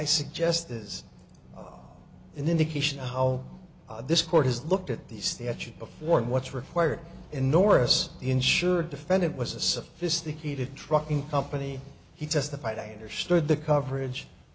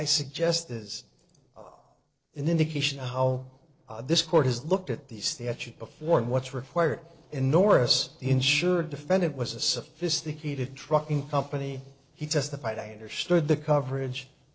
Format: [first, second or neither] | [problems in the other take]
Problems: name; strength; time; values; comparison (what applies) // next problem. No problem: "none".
first | noise reduction (neural separator model SepFormer DNS4)